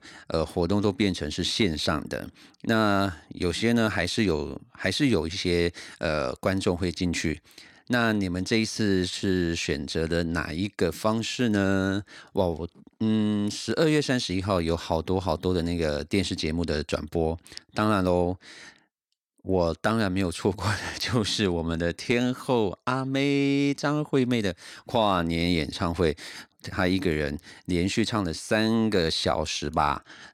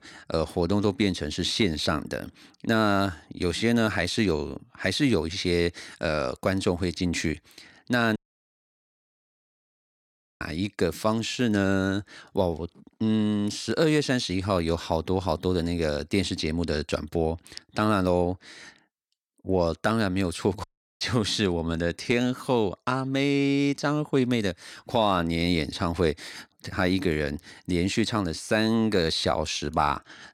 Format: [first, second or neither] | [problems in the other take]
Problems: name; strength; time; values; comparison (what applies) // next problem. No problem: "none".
first | audio cutting out; at 8 s for 2.5 s and at 21 s